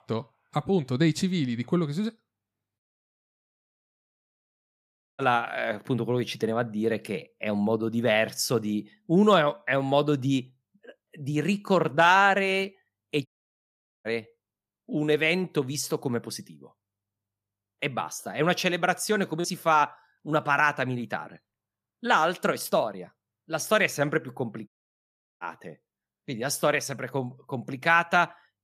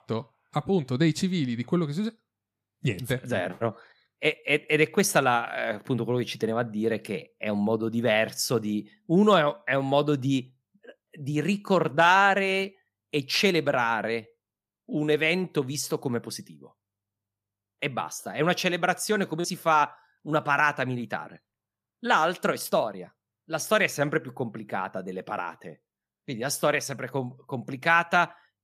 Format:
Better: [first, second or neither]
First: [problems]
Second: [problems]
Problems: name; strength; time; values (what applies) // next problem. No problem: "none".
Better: second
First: audio cutting out; at 3 s for 2.5 s, at 13 s for 1 s and at 25 s for 0.5 s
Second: none